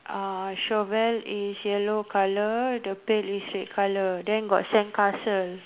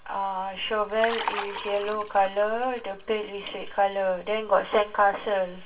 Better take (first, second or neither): first